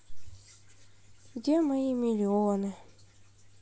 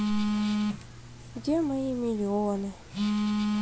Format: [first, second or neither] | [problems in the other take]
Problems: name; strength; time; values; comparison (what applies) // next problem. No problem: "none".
first | background sound (Telephone); 1 dB above the speech